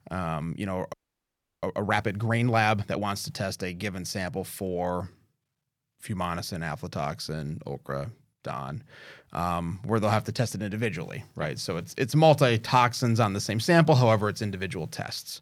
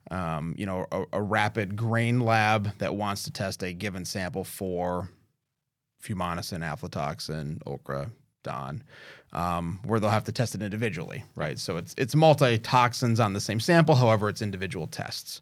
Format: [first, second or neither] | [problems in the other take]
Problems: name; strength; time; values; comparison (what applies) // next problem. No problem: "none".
second | audio freezing; at 1 s for 0.5 s